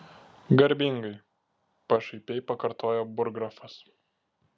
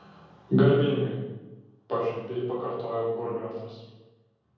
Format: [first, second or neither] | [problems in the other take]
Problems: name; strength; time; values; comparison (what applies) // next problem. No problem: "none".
first | room echo; dies away in 1.3 s